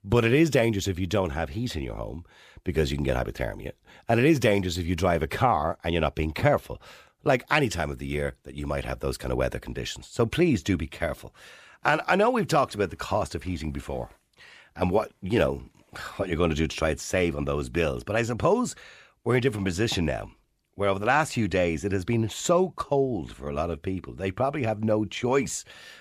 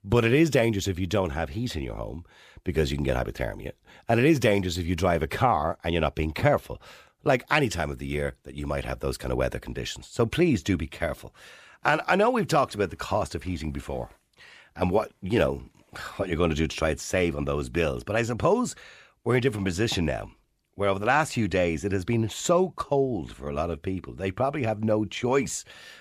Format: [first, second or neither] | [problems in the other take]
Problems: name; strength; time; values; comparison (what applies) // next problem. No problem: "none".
neither | none